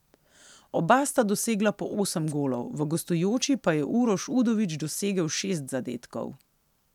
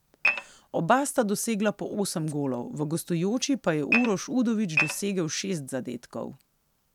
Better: first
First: none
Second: background sound (Dishes, pots, and pans / Glass); 1 dB above the speech

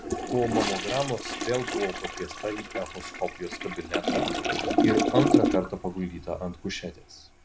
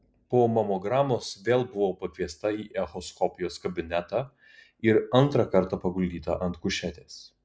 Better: second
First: background sound (Toilet flush); 2 dB above the speech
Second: none

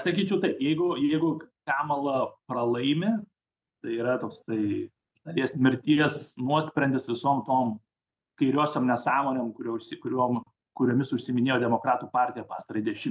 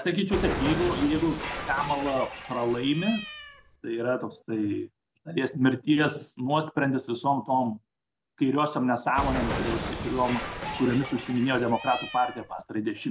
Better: first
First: none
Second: background sound (Cat); 9 dB below the speech

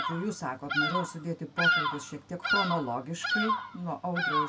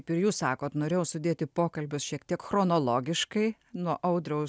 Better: second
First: background sound (Bird vocalization, bird call, bird song); 3 dB above the speech // room echo; dies away in 0.2 s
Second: none

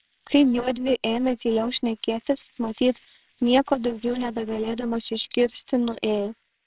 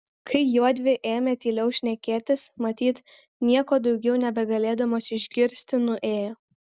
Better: second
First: noise reduction (neural separator model SepFormer WHAMR!)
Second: none

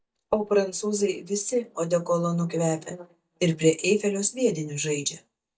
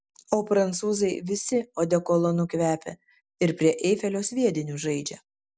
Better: second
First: noise reduction (neural mask model DeepFilterNet 3)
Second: none

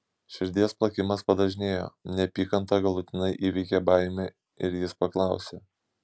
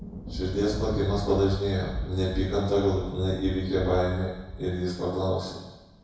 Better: first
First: none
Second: background sound (Thunder); 8 dB below the speech // room echo; dies away in 1 s

